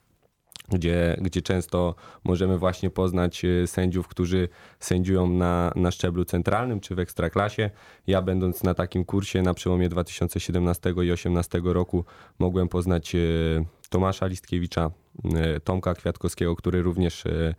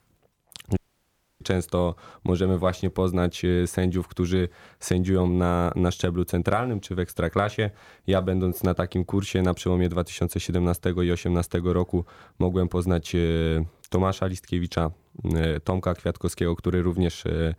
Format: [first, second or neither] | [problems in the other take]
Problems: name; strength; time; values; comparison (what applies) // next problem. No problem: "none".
first | audio cutting out; at 1 s for 0.5 s